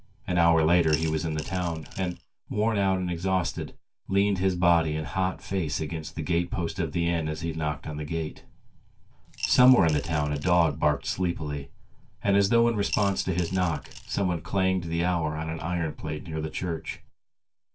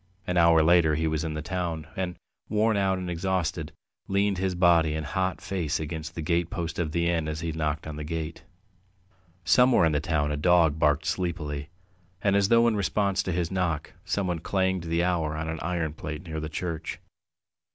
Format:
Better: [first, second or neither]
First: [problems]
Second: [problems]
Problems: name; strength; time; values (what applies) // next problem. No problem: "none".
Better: second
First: background sound (Coin (dropping) / Glass); 14 dB below the speech // room echo; dies away in 0.1 s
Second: none